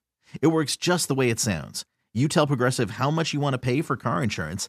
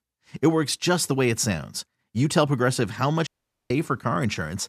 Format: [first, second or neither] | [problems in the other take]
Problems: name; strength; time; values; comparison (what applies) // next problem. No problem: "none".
first | audio cutting out; at 3.5 s